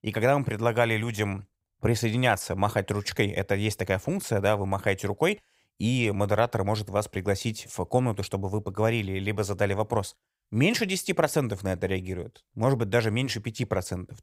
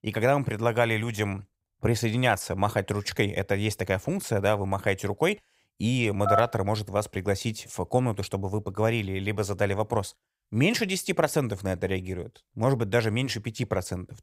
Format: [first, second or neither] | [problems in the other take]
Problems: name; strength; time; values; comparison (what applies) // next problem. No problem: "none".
first | phone ringing; loud; at 6.5 s; peak 1 dB above the speech